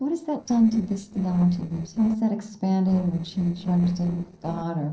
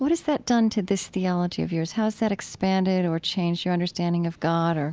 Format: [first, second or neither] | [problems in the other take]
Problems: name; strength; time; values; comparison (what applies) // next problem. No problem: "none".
second | noise reduction (neural separator model SepFormer DNS4)